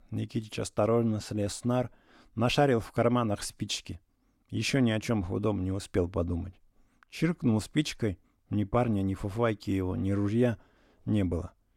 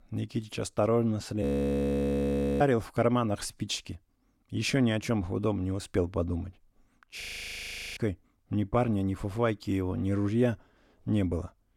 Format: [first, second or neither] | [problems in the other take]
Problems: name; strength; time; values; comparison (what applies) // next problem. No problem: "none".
first | audio freezing; at 1.5 s for 1 s and at 7 s for 1 s